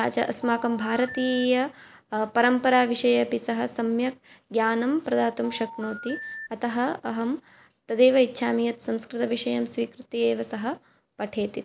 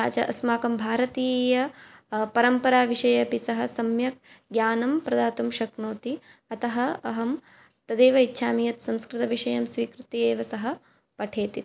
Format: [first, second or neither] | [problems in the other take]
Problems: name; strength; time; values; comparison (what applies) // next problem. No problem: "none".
second | background sound (Telephone); 14 dB below the speech